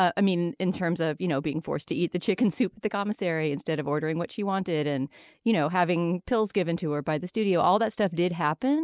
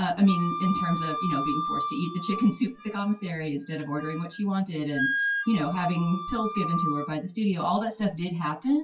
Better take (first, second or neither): first